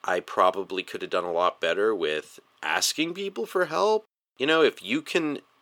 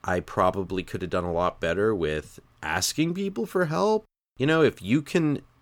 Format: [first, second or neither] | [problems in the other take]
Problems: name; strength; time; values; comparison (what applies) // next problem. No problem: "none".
second | thin; somewhat; fading below 400 Hz